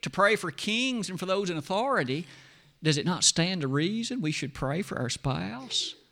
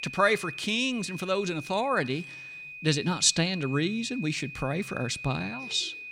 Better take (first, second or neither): first